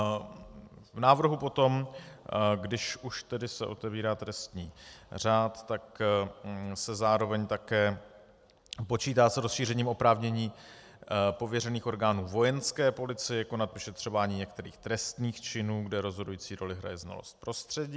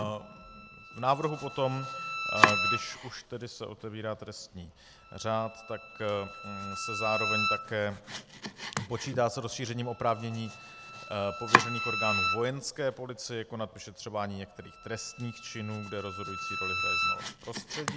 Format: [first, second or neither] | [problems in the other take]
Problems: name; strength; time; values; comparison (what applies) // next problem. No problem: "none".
first | background sound (Domestic sounds, home sounds + Bowed string instrument); 1 dB above the speech